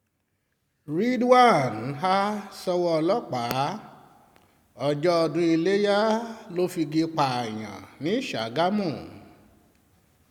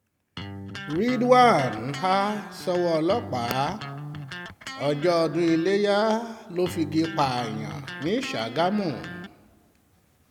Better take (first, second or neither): first